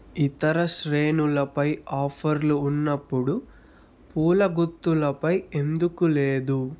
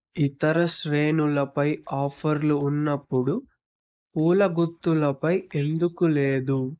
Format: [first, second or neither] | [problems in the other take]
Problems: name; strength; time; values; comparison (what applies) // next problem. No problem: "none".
first | noise reduction (neural mask model Resemble Enhance denoiser)